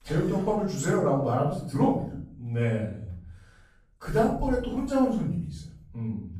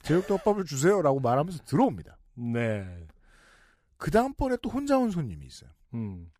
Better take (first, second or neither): second